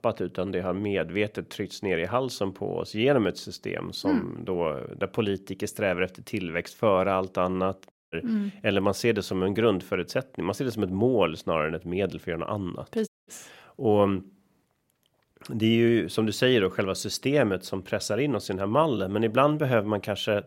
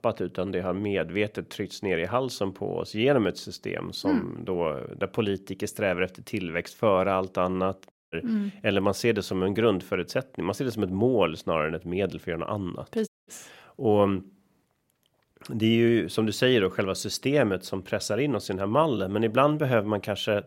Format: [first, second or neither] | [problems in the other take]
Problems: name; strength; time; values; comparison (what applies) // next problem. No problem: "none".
neither | audio cutting out; at 8 s and at 13 s; the same in both